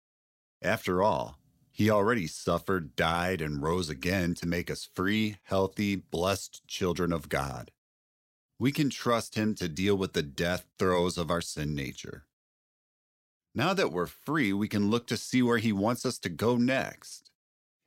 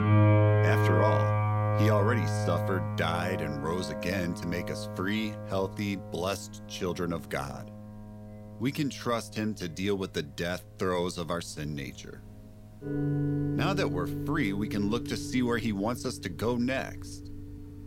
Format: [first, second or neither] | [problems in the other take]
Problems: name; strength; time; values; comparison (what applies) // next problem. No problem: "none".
first | background music; very loud; throughout; 2 dB above the speech